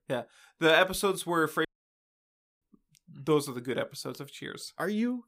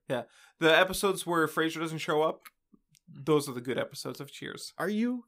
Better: second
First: audio cutting out; at 1.5 s for 1 s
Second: none

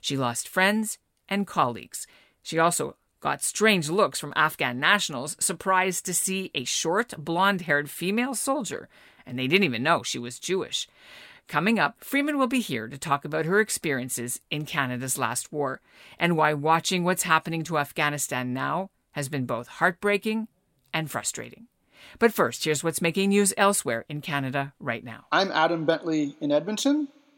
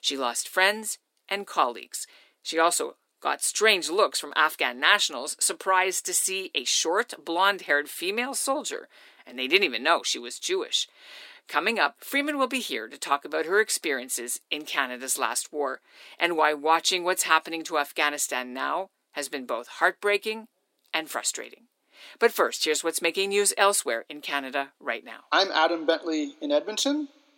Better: first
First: none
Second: thin; somewhat; fading below 300 Hz

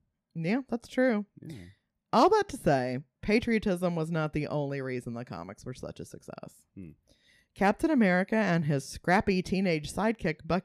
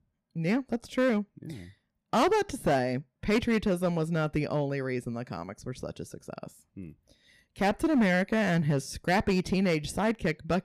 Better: first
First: none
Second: distortion; slight; 6% of the sound clipped

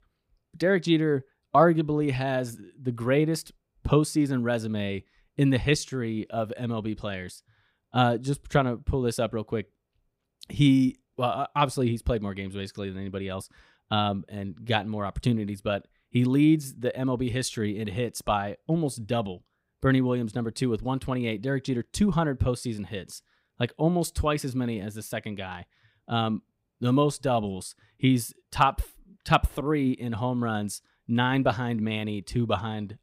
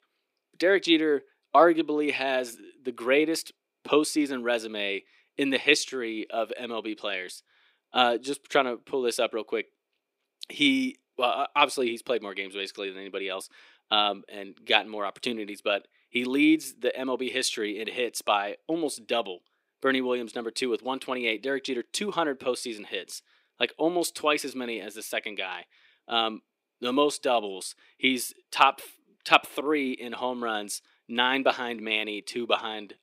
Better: first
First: none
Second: thin; somewhat; fading below 350 Hz

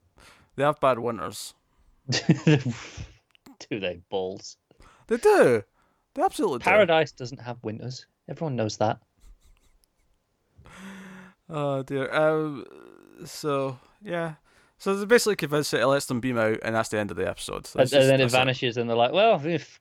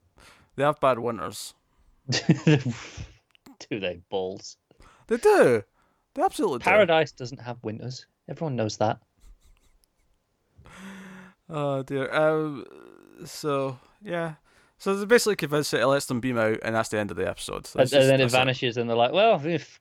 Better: neither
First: none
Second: none

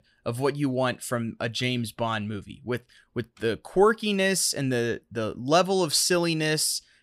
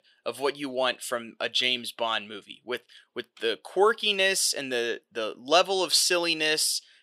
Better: first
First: none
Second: thin; somewhat; fading below 450 Hz

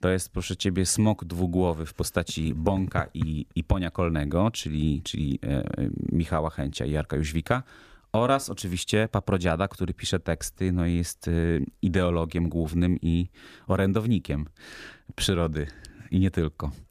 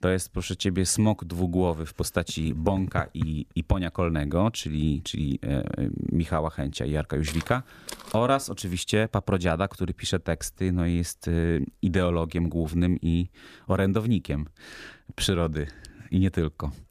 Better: first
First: none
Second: footsteps; faint; at 7.5 s; peak 10 dB below the speech

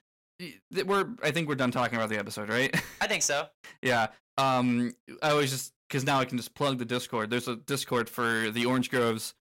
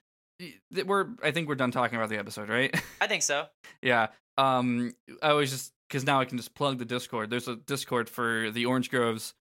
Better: second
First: distortion; slight; 6% of the sound clipped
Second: none

